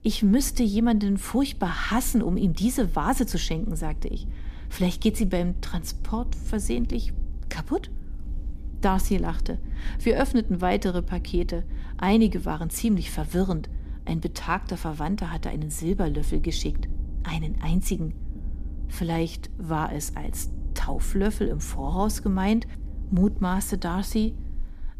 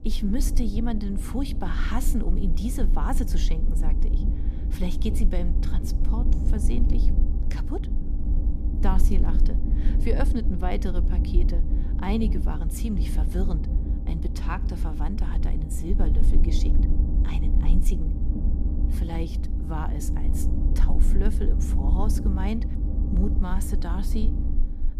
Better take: first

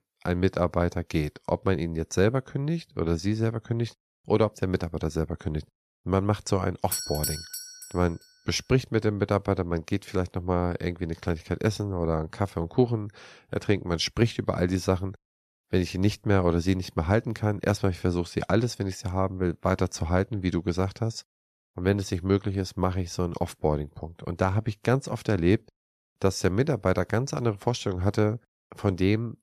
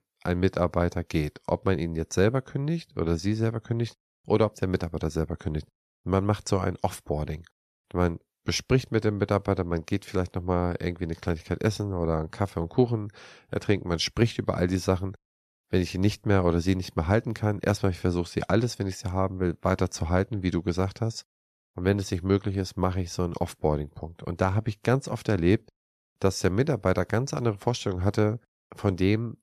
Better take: second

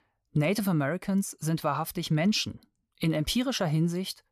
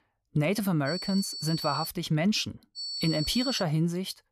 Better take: first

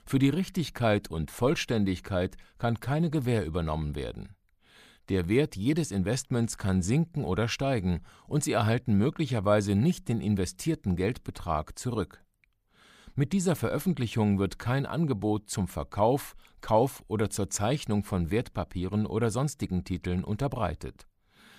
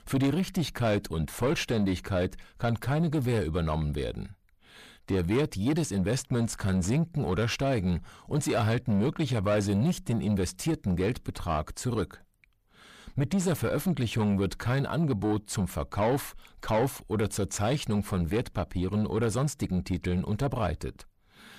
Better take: first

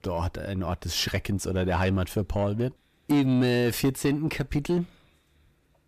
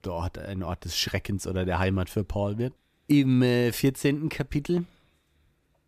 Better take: second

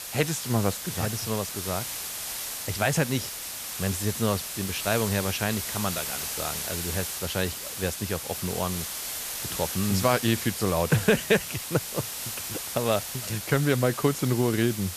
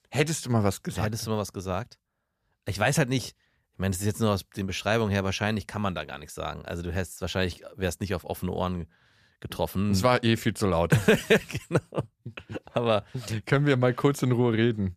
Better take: second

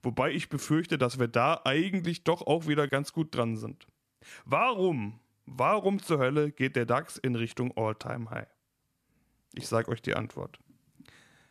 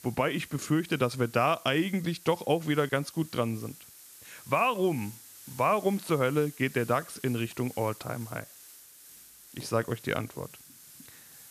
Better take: first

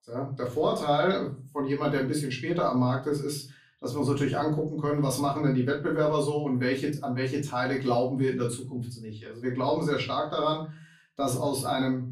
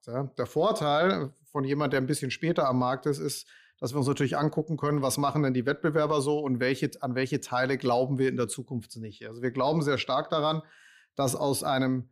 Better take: second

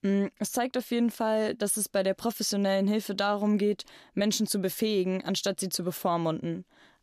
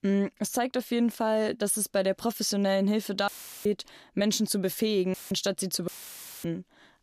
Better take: first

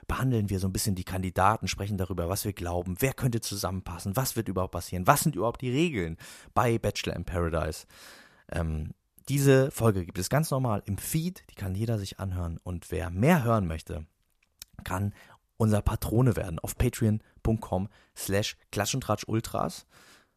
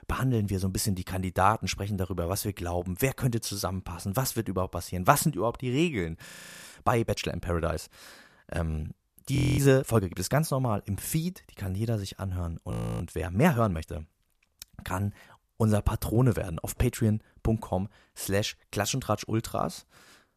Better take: first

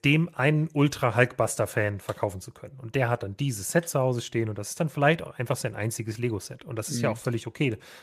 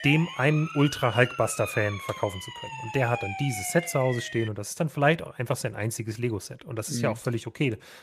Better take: first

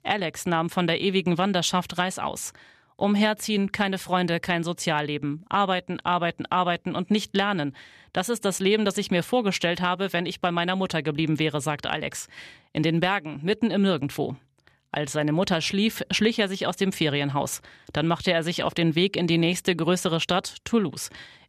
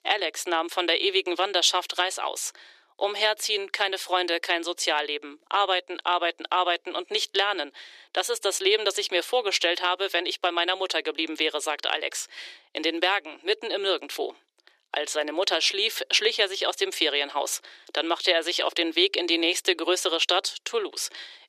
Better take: first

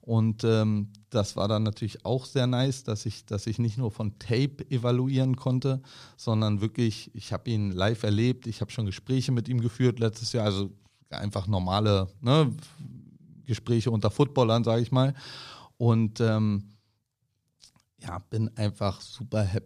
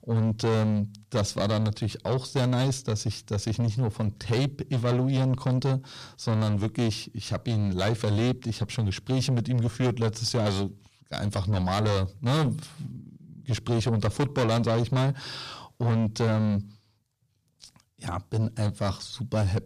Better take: first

